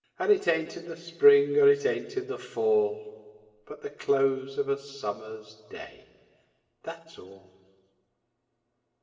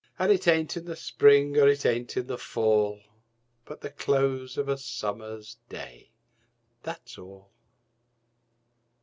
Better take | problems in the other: second | room echo; dies away in 1.7 s

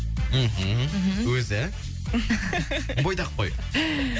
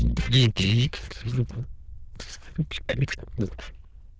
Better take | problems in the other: first | noise reduction (neural diffusion model UNIVERSE++)

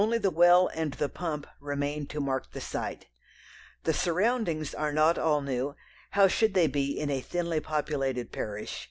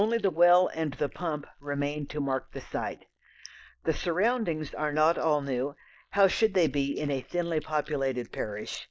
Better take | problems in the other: first | noise reduction (neural mask model Resemble Enhance denoiser)

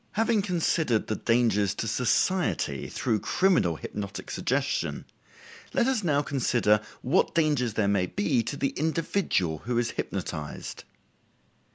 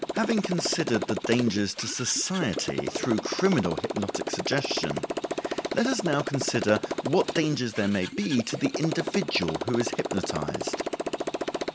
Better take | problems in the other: first | background sound (Motorcycle); 4 dB below the speech

